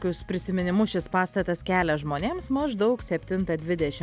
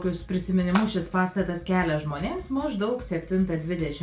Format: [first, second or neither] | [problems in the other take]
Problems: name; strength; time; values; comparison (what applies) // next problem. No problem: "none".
first | background sound (Water / Splash, splatter); 13 dB below the speech // room echo; dies away in 0.3 s